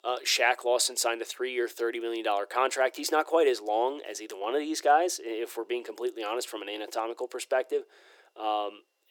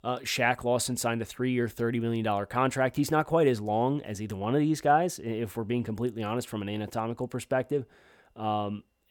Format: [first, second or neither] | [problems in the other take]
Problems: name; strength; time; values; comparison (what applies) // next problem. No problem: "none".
second | thin; very; fading below 350 Hz